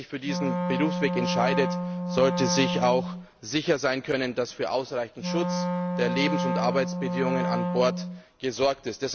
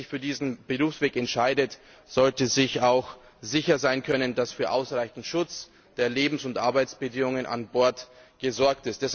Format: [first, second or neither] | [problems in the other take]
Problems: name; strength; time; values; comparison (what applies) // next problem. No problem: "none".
second | background sound (Wind instrument, woodwind instrument); 1 dB below the speech